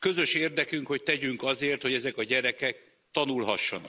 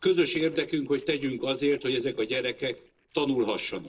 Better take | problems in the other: first | noise reduction (neural separator model SepFormer DNS4)

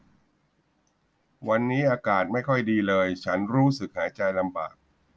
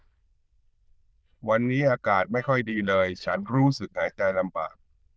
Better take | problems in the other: first | noise reduction (neural diffusion model UNIVERSE++)

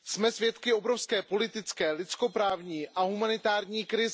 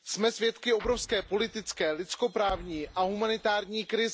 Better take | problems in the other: first | background sound (Explosion); 18 dB below the speech

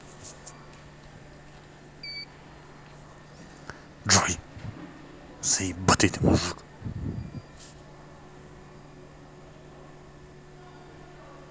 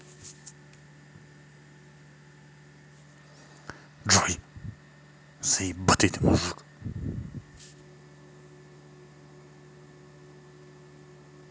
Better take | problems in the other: second | background sound (Alarm); 16 dB below the speech

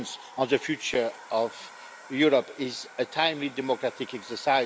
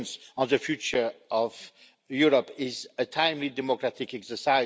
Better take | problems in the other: second | background sound (Domestic sounds, home sounds); 19 dB below the speech

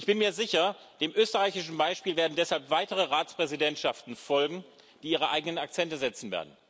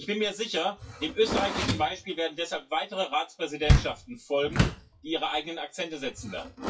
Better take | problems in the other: first | noise reduction (classical method WPE with log-MMSE)

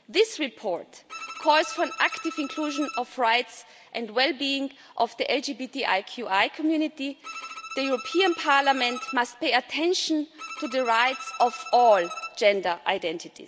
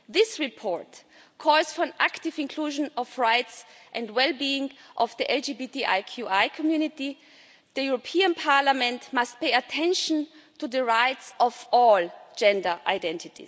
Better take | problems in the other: second | background sound (Bowed string instrument); 13 dB below the speech

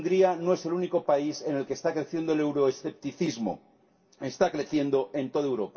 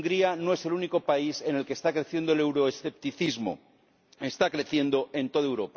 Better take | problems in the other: second | room echo; dies away in 0.2 s

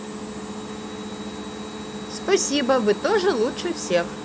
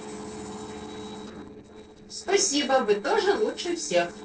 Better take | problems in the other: first | noise reduction (neural separator model SepFormer DNS4)

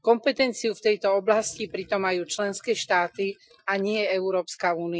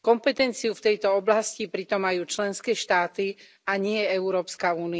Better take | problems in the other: second | noise reduction (classical method Wiener filter)

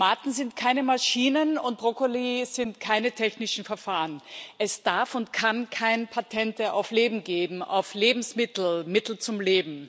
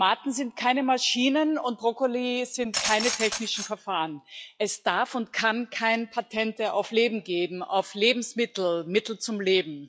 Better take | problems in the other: first | noise reduction (classical method log-MMSE)

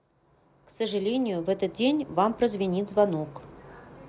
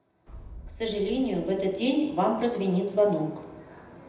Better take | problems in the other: first | background sound (Boom); 19 dB below the speech // room echo; dies away in 0.9 s

